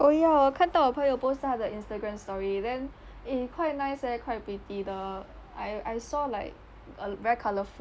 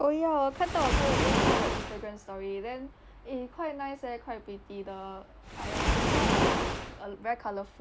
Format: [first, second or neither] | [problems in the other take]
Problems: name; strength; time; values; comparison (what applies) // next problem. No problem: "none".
first | background sound (Waves, surf); 2 dB above the speech